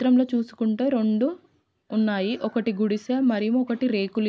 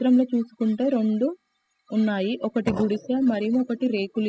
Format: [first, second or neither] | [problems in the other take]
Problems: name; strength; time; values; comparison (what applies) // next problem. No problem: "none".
first | noise reduction (classical method spectral subtraction)